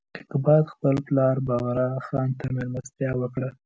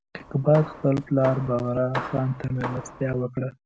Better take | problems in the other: first | background sound (Hammer); 12 dB below the speech

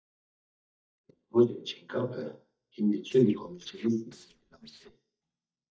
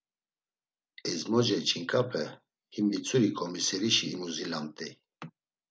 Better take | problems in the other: second | noise reduction (neural mask model DeepFilterNet 3)

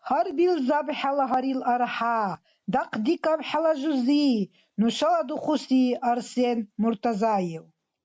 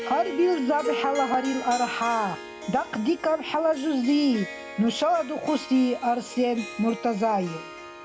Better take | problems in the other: first | background sound (Harp); 11 dB below the speech

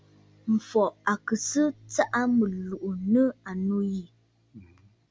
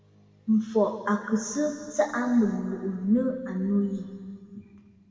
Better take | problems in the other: first | room echo; dies away in 2 s

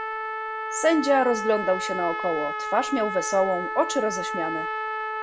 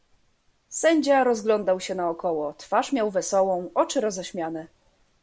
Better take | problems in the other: second | background sound (Trumpet); 4 dB below the speech

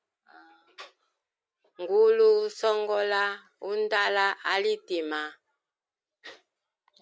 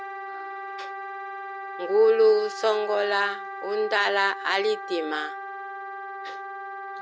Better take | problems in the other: first | background sound (Wind instrument, woodwind instrument); 9 dB below the speech

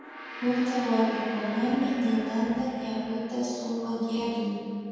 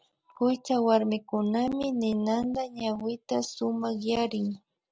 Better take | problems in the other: second | background sound (Gong); 14 dB below the speech // room echo; dies away in 2.1 s

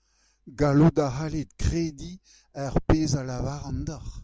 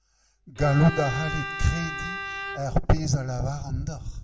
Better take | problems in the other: first | background sound (Bowed string instrument); 9 dB below the speech // room echo; dies away in 0.5 s

